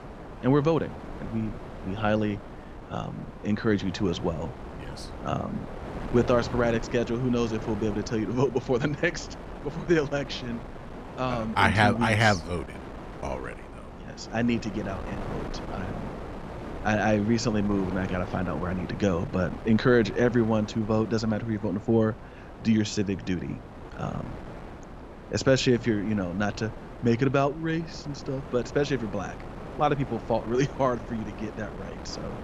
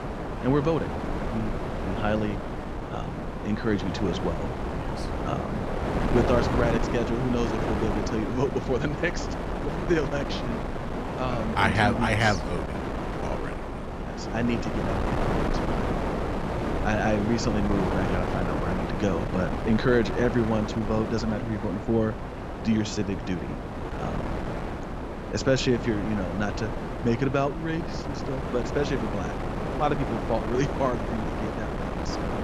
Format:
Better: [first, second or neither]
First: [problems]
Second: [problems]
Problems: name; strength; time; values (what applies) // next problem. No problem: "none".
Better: first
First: wind noise on the microphone; occasional gusts; 15 dB below the speech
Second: wind noise on the microphone; heavy; 3 dB below the speech